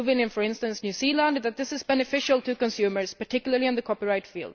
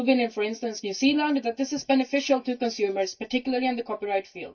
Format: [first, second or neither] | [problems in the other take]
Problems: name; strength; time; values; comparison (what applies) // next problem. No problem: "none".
first | noise reduction (neural mask model DeepFilterNet 3)